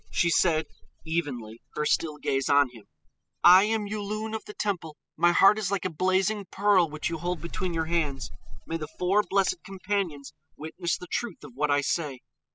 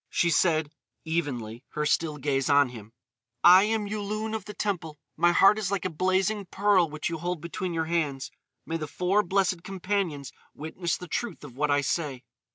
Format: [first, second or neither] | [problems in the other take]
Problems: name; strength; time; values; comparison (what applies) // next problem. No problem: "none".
second | noise reduction (classical method spectral subtraction)